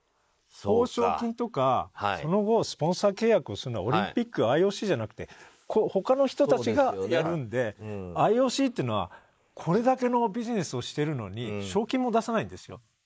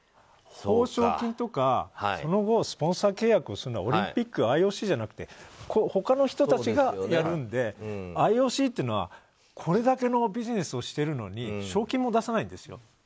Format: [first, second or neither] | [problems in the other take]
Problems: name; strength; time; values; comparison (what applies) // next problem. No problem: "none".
second | noise reduction (neural mask model Resemble Enhance denoiser)